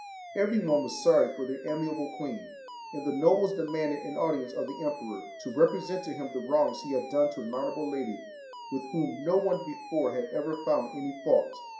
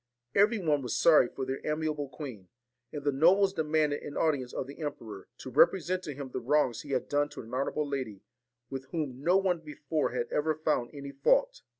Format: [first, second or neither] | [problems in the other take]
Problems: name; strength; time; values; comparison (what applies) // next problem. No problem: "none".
second | background sound (Alarm); 14 dB below the speech // room echo; dies away in 0.5 s